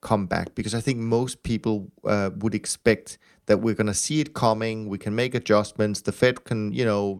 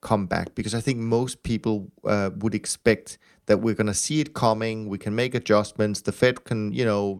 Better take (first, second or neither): neither